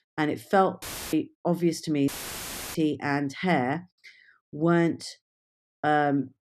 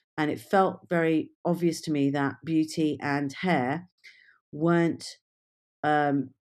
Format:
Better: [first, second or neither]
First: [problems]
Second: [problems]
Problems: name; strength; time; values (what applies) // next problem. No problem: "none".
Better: second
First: audio cutting out; filled with static; at 1 s and at 2 s for 0.5 s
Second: none